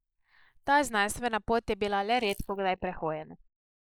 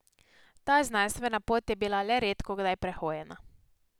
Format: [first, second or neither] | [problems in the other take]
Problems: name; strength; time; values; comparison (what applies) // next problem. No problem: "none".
second | noise reduction (neural mask model Resemble Enhance denoiser)